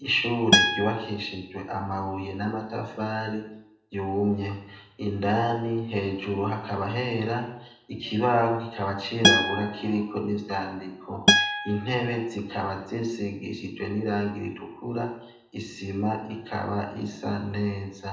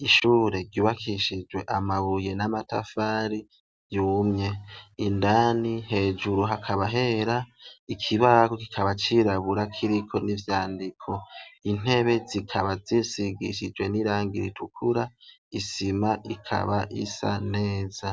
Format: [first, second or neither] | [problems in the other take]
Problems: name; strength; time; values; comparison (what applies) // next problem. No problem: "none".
second | background sound (Acoustic guitar); 3 dB above the speech // room echo; dies away in 0.7 s